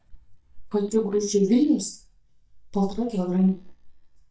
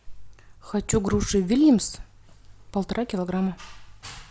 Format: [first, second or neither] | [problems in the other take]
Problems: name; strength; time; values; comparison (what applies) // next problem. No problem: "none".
second | noise reduction (neural mask model DeepFilterNet 3)